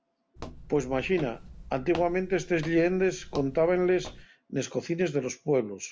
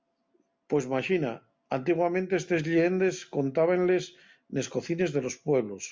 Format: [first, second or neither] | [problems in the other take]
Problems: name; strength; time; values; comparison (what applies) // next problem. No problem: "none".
second | background sound (Walk, footsteps); 15 dB below the speech